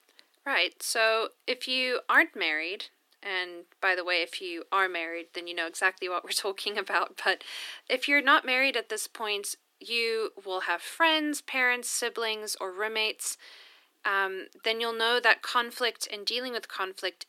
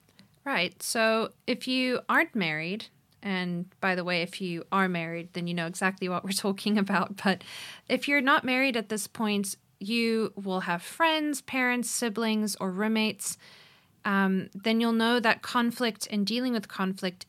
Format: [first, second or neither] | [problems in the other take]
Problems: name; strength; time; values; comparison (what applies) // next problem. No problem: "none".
second | thin; very; fading below 300 Hz